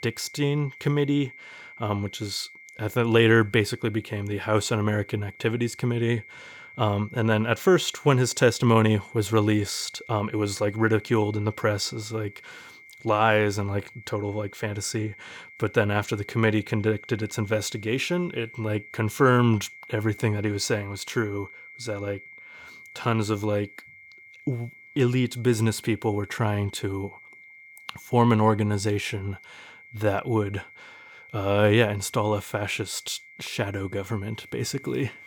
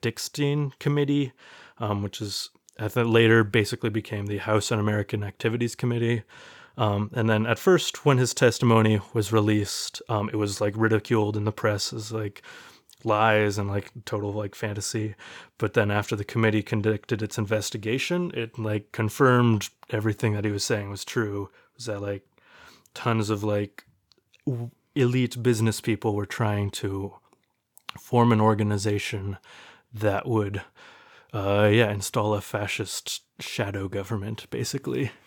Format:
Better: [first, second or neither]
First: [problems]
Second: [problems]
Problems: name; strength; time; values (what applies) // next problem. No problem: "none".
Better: second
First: high-pitched whine; noticeable; throughout; 2 kHz, 20 dB below the speech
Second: none